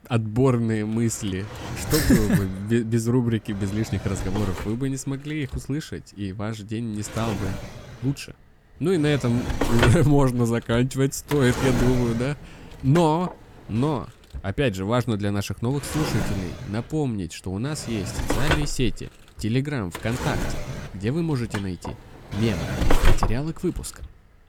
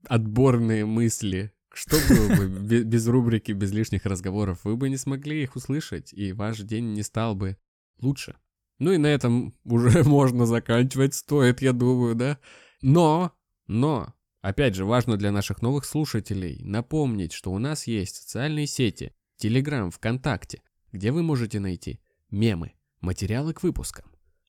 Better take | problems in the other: second | household noises; loud; throughout; 6 dB below the speech

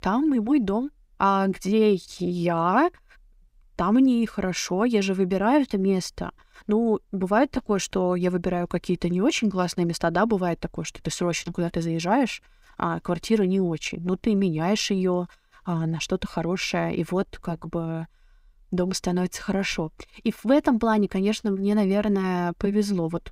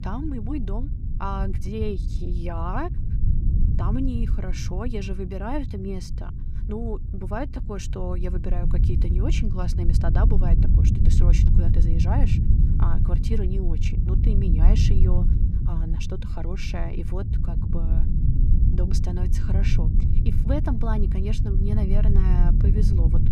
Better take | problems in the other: first | low rumble; loud; throughout; 4 dB below the speech

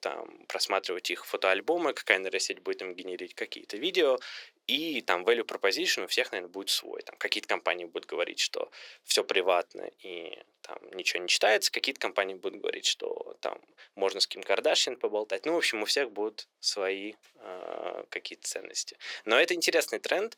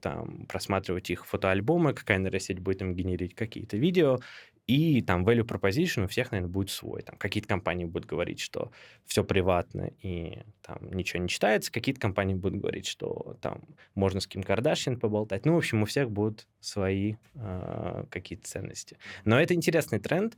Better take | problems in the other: second | thin; very; fading below 400 Hz

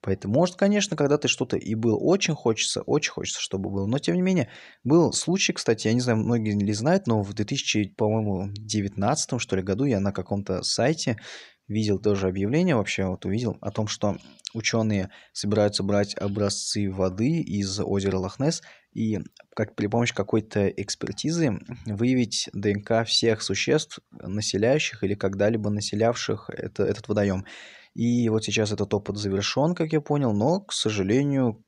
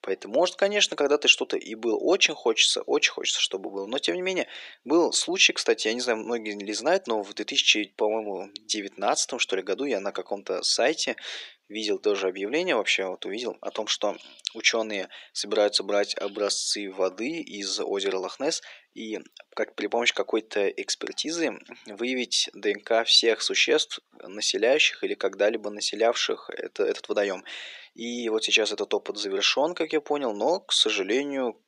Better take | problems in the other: first | thin; somewhat; fading below 350 Hz

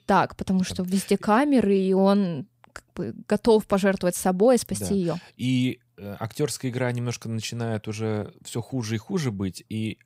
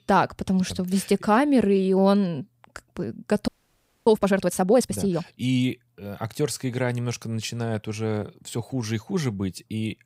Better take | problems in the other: first | audio freezing; at 3.5 s for 0.5 s

